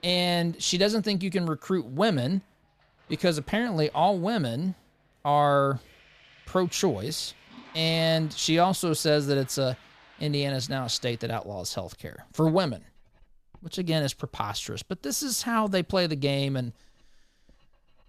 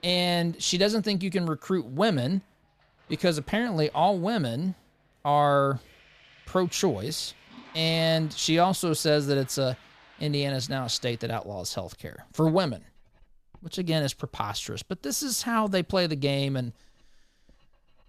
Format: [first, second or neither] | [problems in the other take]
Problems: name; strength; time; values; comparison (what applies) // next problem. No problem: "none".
neither | household noises; faint; throughout; 25 dB below the speech; the same in both